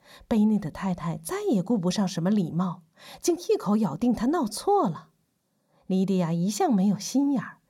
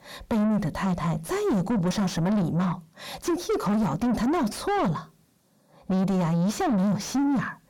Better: first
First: none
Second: distortion; heavy; 6 dB below the speech

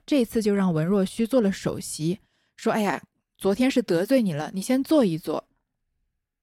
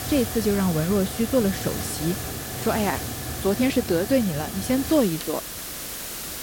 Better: first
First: none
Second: hiss; loud; throughout; 6 dB below the speech

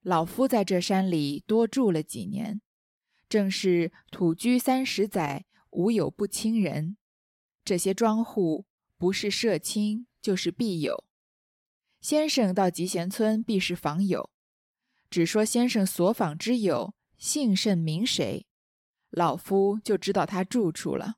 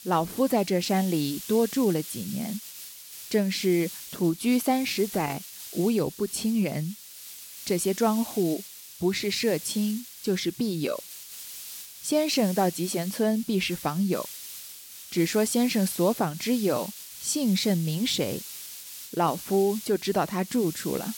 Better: first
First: none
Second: hiss; noticeable; throughout; 10 dB below the speech

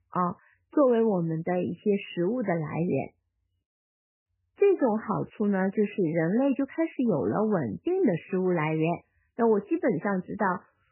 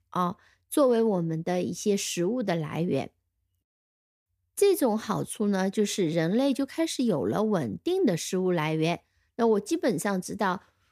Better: second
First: garbled, watery; badly; nothing above 3 kHz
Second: none

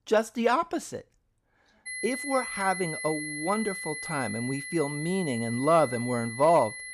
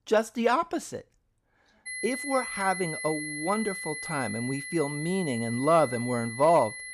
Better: neither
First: high-pitched whine; loud; from 2 s on; 2 kHz, 7 dB below the speech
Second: high-pitched whine; loud; from 2 s on; 2 kHz, 7 dB below the speech

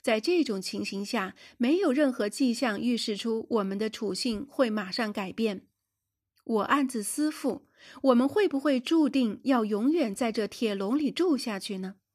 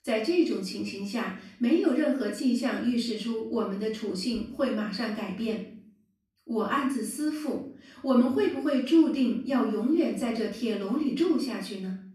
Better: first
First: none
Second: off-mic speech; far // room echo; noticeable; dies away in 0.5 s

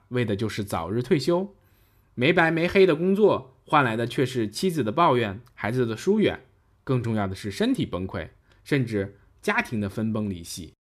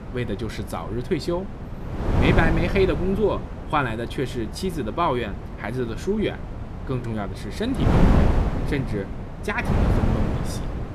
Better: first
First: none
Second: wind noise on the microphone; heavy; 5 dB below the speech

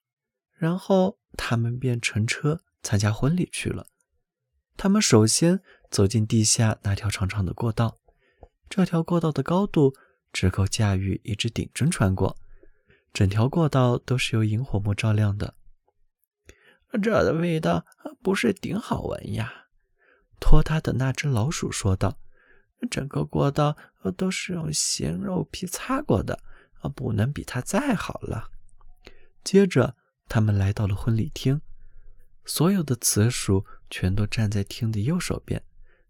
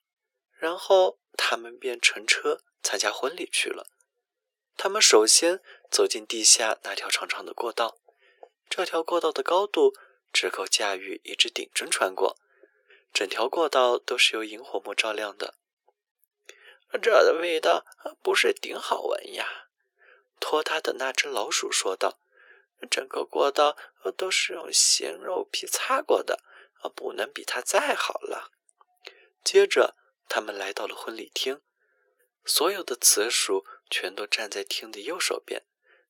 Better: first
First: none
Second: thin; very; fading below 400 Hz

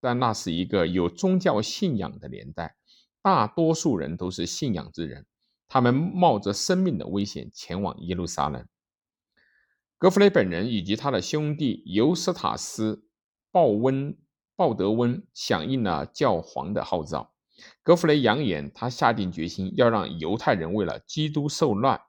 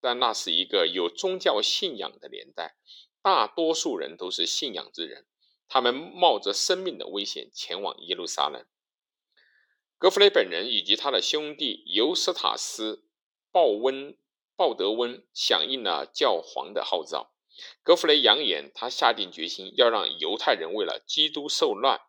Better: first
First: none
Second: thin; very; fading below 400 Hz

